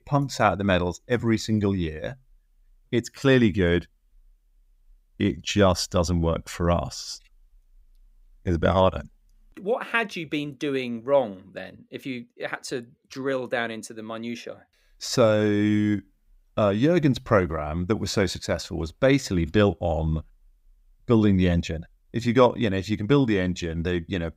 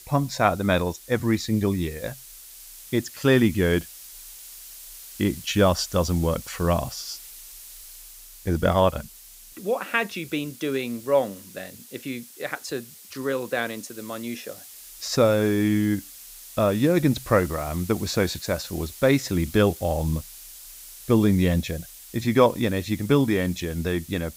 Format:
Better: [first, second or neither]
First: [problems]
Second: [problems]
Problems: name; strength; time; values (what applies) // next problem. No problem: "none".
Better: first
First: none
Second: hiss; noticeable; throughout; 15 dB below the speech